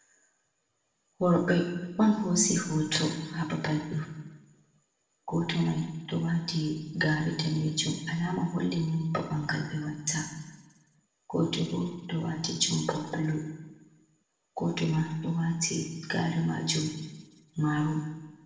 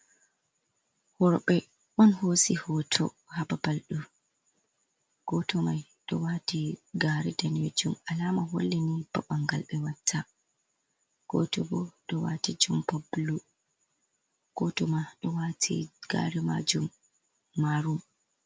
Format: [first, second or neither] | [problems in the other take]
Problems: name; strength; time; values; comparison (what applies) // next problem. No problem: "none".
second | room echo; dies away in 1 s